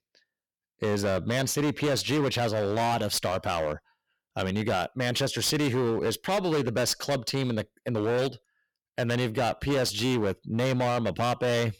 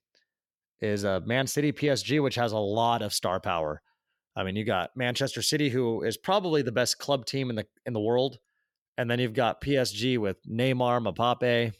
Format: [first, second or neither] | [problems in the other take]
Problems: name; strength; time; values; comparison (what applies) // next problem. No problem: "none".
second | distortion; heavy; 20% of the sound clipped